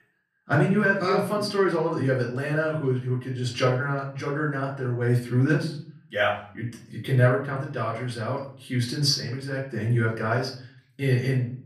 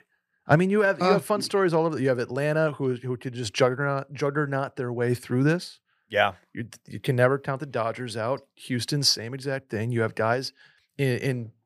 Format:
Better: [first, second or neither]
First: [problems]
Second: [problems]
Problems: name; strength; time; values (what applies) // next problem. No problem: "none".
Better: second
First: off-mic speech; far // room echo; slight; dies away in 0.5 s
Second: none